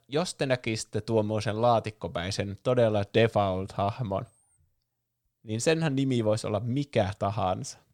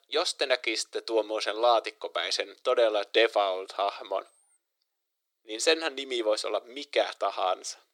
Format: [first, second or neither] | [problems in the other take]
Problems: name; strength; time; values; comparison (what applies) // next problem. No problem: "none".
first | thin; very; fading below 350 Hz